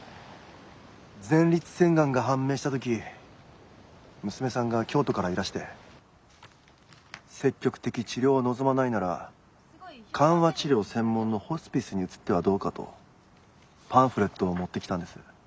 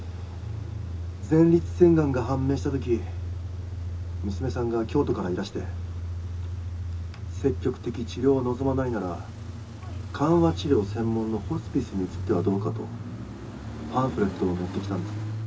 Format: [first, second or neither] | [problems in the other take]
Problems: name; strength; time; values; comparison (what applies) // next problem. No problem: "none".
first | background sound (Idling / Engine starting / Accelerating, revving, vroom / Car); 6 dB below the speech // room echo; dies away in 0.2 s